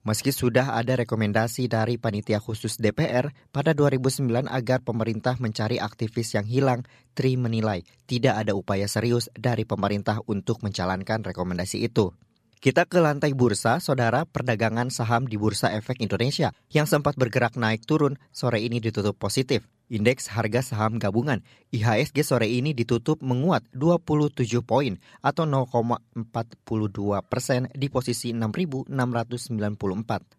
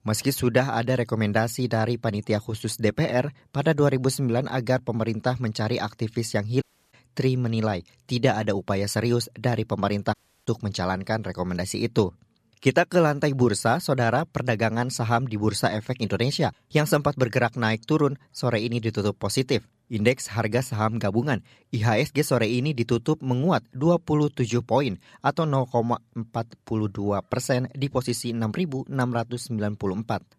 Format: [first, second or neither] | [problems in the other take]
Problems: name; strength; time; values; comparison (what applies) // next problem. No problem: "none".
first | audio cutting out; at 6.5 s and at 10 s